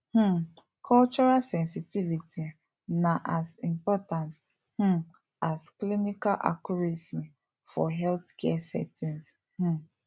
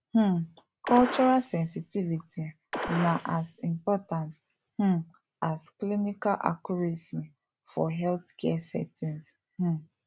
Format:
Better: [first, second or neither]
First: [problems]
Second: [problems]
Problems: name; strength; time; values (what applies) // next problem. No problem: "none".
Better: first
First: none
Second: background sound (Gunshot, gunfire); 9 dB below the speech